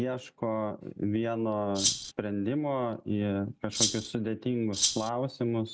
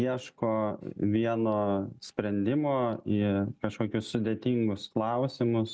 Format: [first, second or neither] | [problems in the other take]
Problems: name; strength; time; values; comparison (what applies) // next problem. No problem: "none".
second | background sound (Rattle (instrument)); 2 dB above the speech